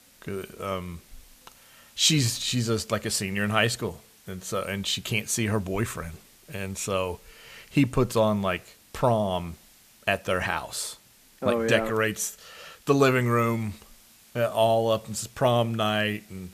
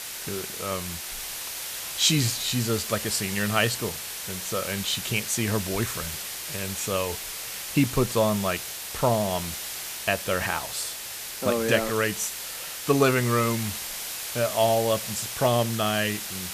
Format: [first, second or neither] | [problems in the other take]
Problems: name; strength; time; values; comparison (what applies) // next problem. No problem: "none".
first | hiss; loud; throughout; 6 dB below the speech; faint in the first